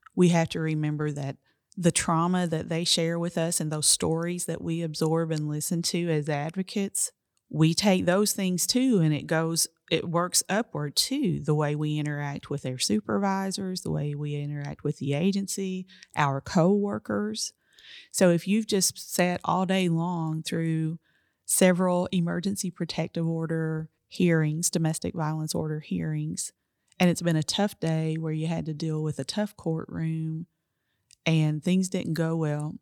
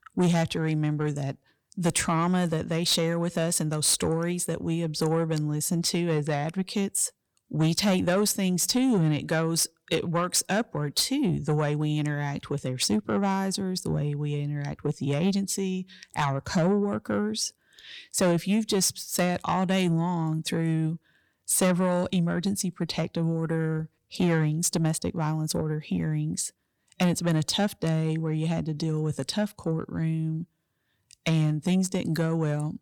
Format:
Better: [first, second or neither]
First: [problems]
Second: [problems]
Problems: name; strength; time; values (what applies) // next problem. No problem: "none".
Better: first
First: none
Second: distortion; slight; 10 dB below the speech